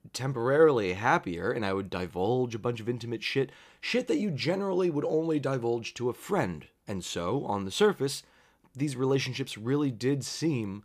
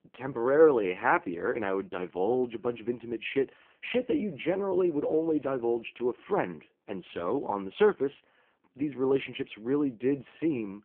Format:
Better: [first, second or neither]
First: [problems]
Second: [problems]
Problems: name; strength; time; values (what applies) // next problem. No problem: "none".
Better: first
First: none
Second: phone-call audio; poor line